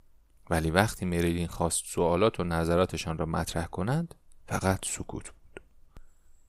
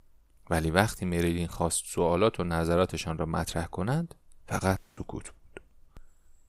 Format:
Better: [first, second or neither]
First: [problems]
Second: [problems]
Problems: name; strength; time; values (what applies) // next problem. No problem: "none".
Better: first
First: none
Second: audio cutting out; at 5 s